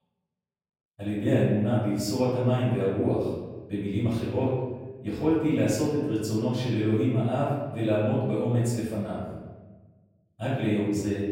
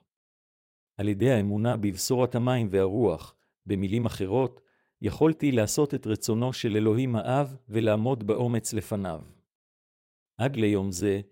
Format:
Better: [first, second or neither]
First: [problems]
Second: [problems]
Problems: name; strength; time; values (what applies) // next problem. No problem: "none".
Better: second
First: room echo; noticeable; dies away in 1.2 s // off-mic speech; far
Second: none